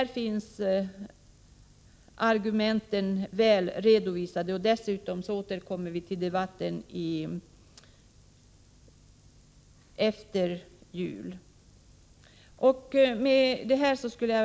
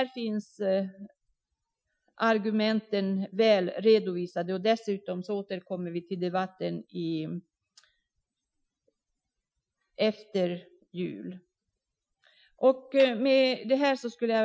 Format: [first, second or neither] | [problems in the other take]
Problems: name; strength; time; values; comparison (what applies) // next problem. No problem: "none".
first | noise reduction (classical method Wiener filter)